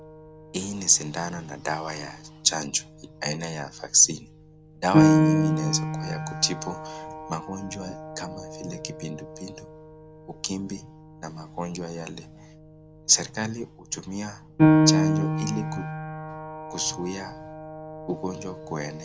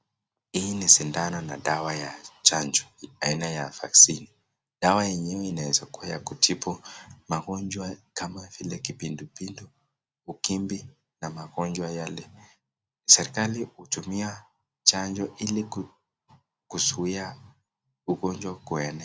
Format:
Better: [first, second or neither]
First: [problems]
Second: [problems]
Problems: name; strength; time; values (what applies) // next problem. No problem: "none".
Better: second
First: background sound (Piano); 2 dB above the speech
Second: none